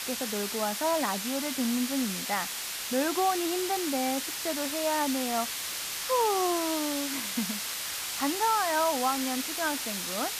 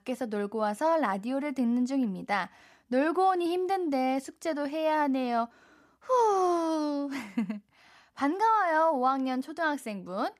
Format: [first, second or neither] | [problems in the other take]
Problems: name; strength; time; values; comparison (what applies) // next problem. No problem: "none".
second | hiss; loud; throughout; 1 dB below the speech